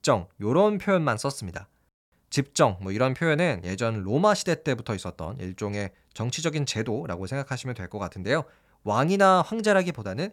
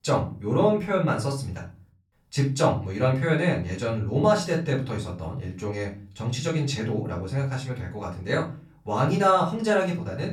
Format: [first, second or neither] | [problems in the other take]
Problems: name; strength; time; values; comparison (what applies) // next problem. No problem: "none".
first | room echo; slight; dies away in 0.4 s // off-mic speech; far